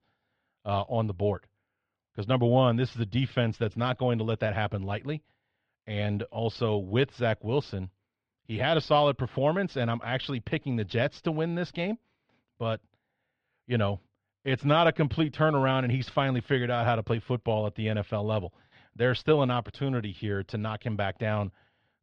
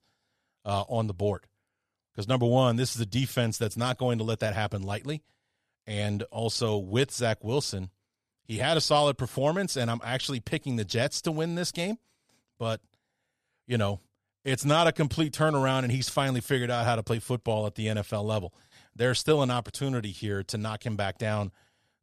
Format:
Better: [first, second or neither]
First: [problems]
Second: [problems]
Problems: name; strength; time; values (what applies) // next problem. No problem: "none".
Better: second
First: muffled; very; fading above 3.5 kHz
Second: none